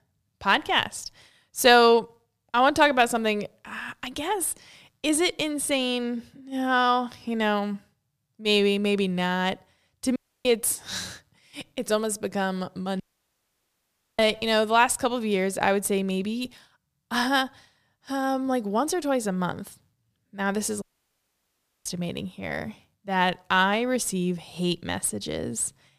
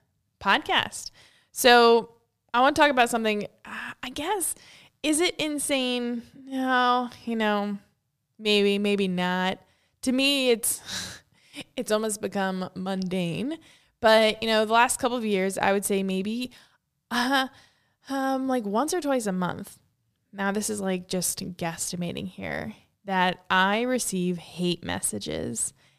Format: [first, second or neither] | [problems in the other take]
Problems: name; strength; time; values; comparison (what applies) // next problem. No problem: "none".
second | audio cutting out; at 10 s, at 13 s for 1 s and at 21 s for 1 s